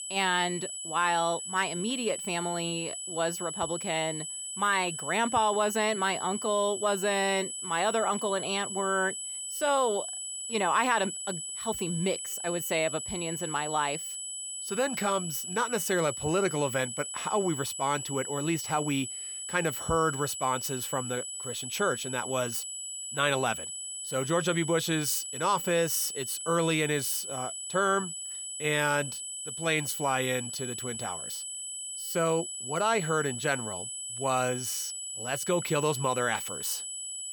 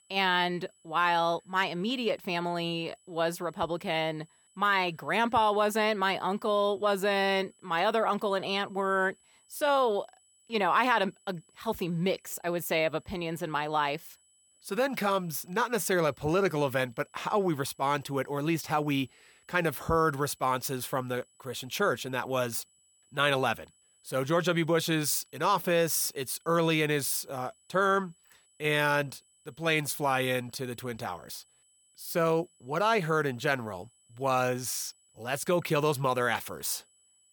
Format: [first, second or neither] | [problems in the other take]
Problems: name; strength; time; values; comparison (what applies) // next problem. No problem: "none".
second | high-pitched whine; loud; throughout; 8 kHz, 5 dB below the speech; faint in the second